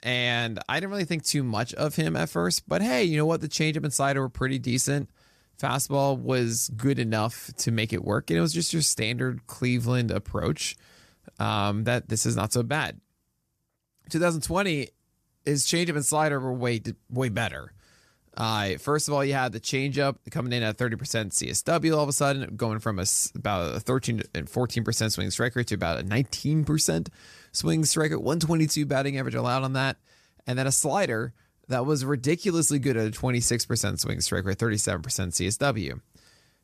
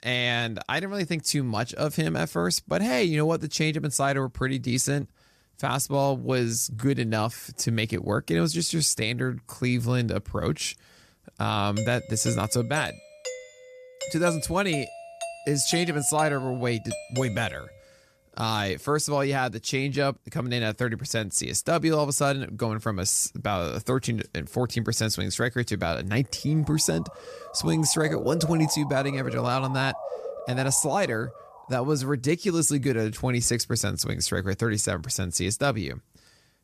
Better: first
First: none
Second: doorbell; noticeable; from 12 to 18 s; peak 8 dB below the speech // siren; noticeable; from 27 to 32 s; peak 7 dB below the speech

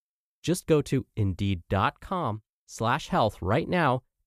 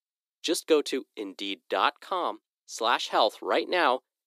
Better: first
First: none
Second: thin; very; fading below 300 Hz

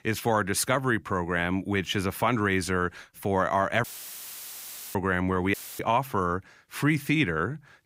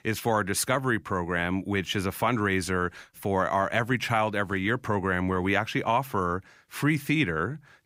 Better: second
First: audio cutting out; filled with static; at 4 s for 1 s and at 5.5 s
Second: none

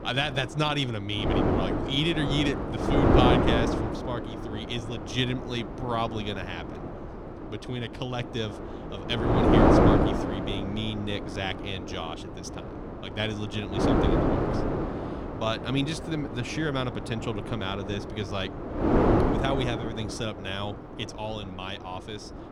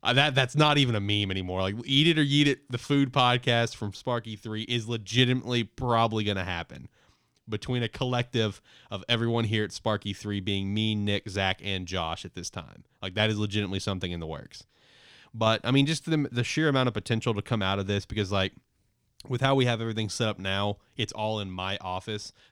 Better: second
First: wind noise on the microphone; heavy; 2 dB above the speech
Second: none

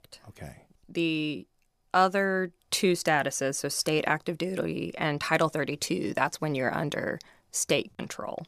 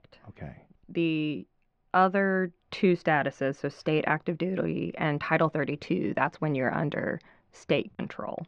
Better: first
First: none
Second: muffled; very; fading above 2.5 kHz

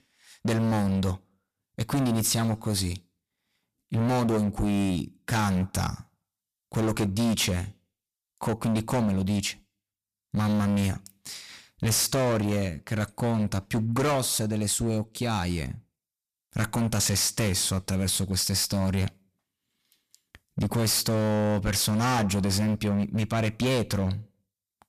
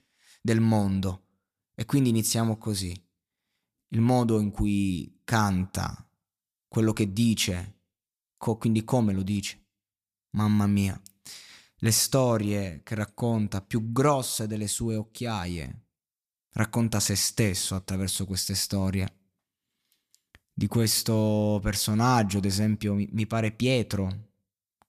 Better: second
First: distortion; heavy; 16% of the sound clipped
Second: none

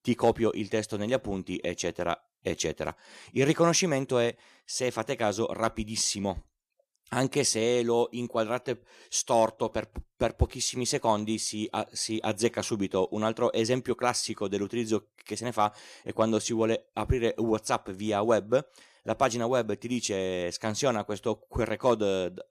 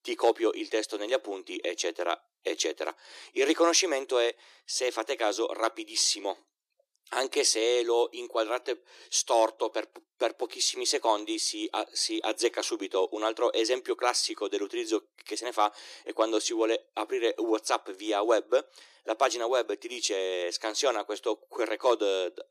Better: first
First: none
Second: thin; very; fading below 300 Hz

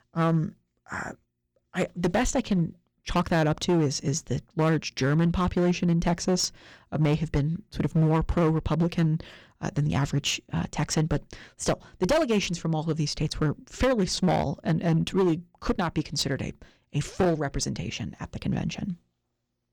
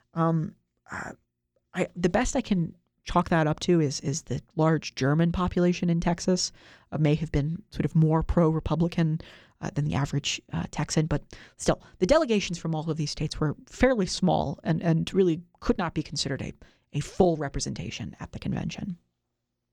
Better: second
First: distortion; slight; 8% of the sound clipped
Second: none

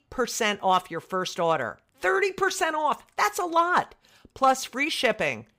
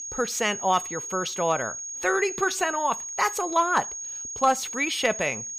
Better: first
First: none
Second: high-pitched whine; loud; throughout; 6.5 kHz, 7 dB below the speech

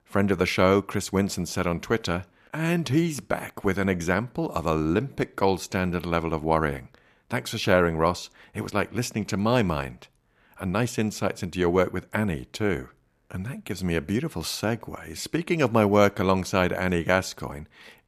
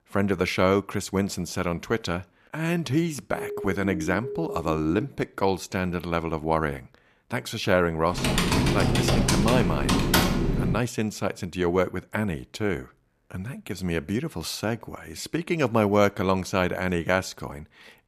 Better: first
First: none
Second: siren; noticeable; from 3.5 to 5 s; peak 7 dB below the speech // keyboard typing; loud; from 8 to 11 s; peak 5 dB above the speech

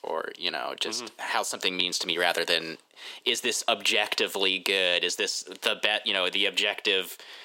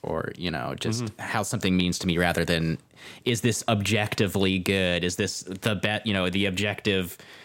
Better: second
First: thin; very; fading below 400 Hz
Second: none

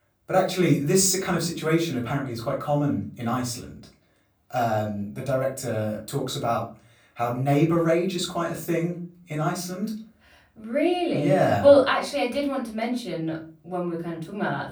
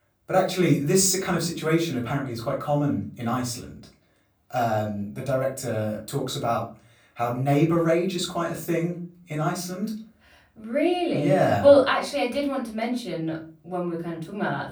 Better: neither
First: off-mic speech; far // room echo; slight; dies away in 0.3 s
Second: off-mic speech; far // room echo; slight; dies away in 0.3 s

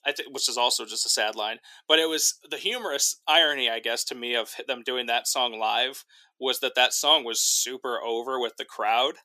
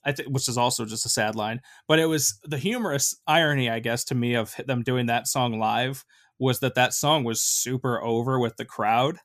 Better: second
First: thin; very; fading below 350 Hz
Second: none

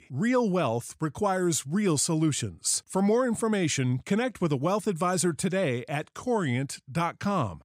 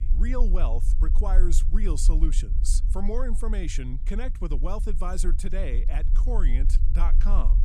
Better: first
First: none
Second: low rumble; noticeable; throughout; 10 dB below the speech

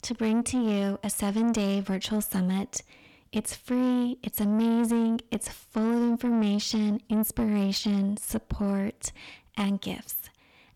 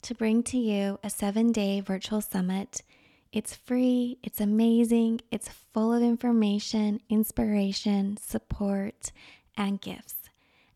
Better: second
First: distortion; slight; 10 dB below the speech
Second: none

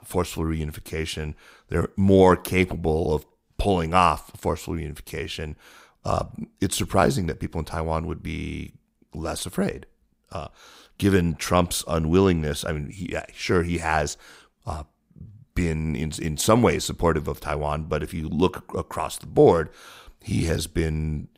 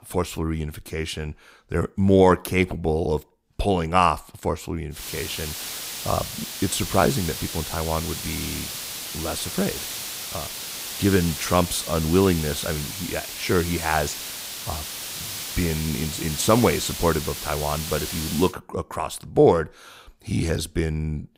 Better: first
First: none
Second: hiss; loud; from 5 to 18 s; 6 dB below the speech

